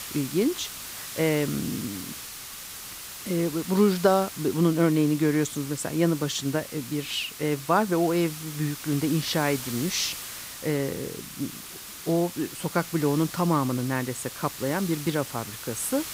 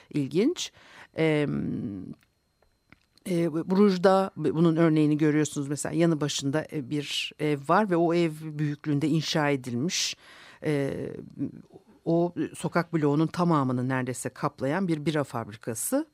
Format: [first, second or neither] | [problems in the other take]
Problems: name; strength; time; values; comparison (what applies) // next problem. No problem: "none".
second | hiss; loud; throughout; 10 dB below the speech